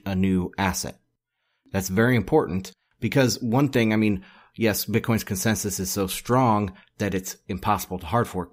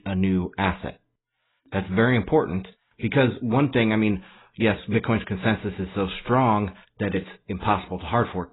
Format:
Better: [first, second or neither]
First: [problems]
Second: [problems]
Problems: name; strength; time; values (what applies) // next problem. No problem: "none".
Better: first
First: none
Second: garbled, watery; badly; nothing above 4 kHz